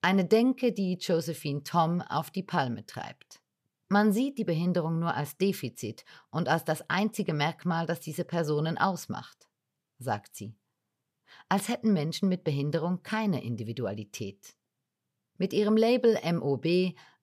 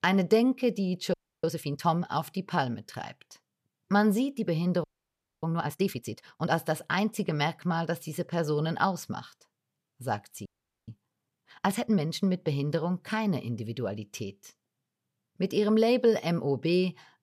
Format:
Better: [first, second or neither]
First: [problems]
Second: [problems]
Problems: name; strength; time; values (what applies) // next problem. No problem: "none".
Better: first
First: none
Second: audio freezing; at 1 s, at 5 s for 0.5 s and at 10 s